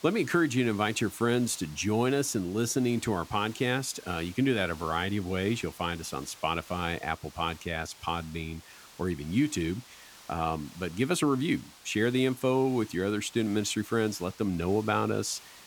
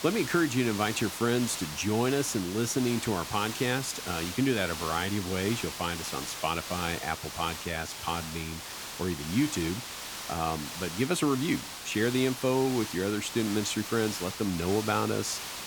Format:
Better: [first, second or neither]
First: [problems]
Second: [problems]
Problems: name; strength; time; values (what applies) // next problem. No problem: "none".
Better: first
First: hiss; faint; throughout; 20 dB below the speech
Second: hiss; loud; throughout; 7 dB below the speech